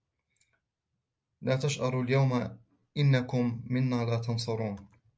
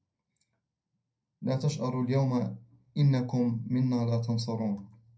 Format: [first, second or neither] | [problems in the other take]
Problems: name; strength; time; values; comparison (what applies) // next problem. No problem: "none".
first | room echo; dies away in 0.2 s